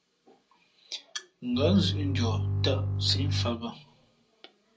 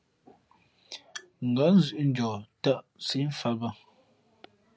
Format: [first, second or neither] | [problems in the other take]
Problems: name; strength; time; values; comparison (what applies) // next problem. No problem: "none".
second | background sound (Bowed string instrument); 3 dB above the speech // room echo; dies away in 0.2 s